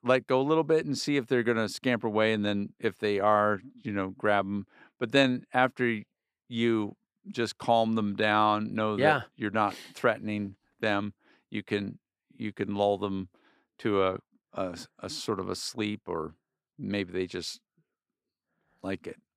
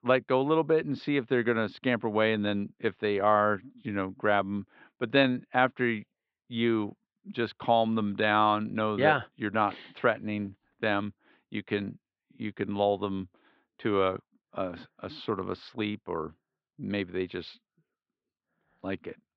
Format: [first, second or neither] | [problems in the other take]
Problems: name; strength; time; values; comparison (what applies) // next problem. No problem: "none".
first | muffled; slightly; fading above 3.5 kHz